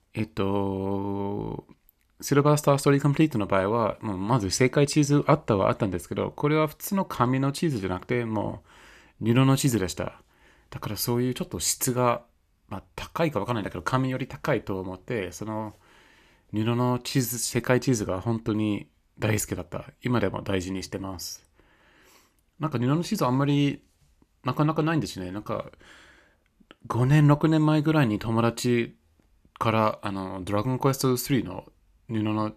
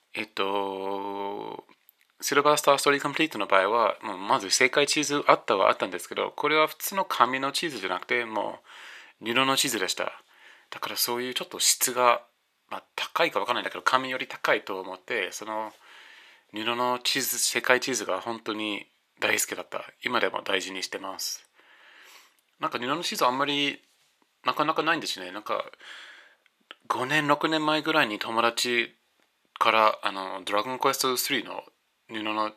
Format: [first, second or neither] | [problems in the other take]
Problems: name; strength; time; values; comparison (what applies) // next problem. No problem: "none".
first | thin; very; fading below 500 Hz